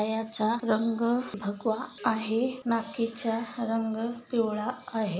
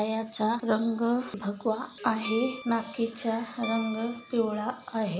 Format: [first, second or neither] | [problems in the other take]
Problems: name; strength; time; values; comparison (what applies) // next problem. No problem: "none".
first | background sound (Guitar); 13 dB below the speech